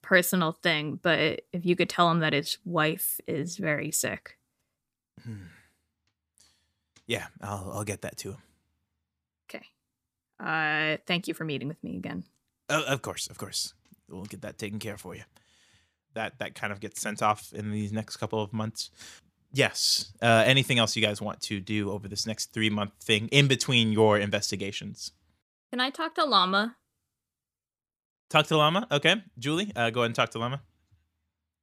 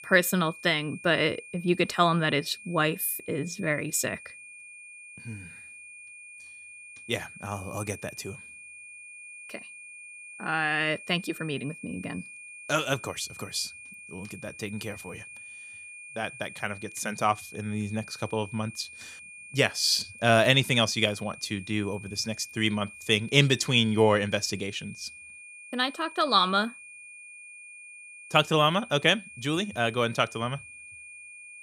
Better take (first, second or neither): first